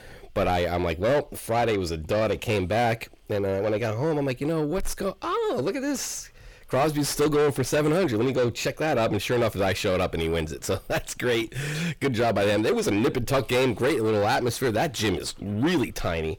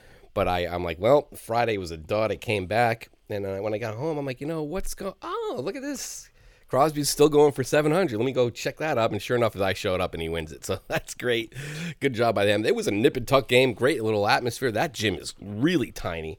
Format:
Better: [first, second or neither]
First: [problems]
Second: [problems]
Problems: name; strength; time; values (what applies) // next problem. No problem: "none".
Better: second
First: distortion; heavy; 7 dB below the speech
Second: none